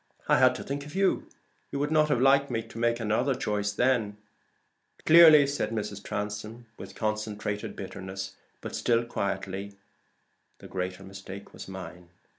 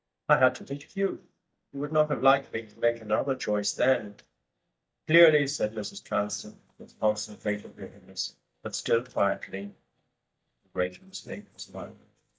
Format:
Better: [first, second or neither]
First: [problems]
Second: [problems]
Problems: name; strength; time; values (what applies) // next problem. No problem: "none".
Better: first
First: none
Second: noise reduction (neural mask model DeepFilterNet 3)